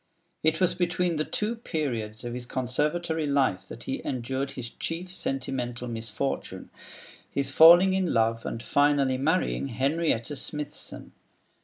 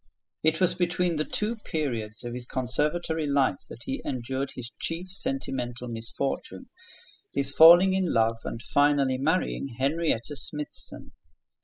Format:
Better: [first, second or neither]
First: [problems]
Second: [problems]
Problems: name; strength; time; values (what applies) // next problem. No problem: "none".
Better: first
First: none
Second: noise reduction (classical method spectral subtraction)